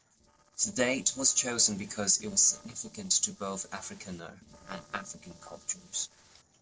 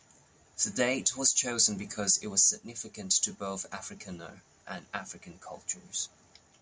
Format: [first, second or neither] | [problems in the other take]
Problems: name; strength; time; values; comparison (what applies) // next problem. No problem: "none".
second | noise reduction (neural separator model SepFormer DNS4)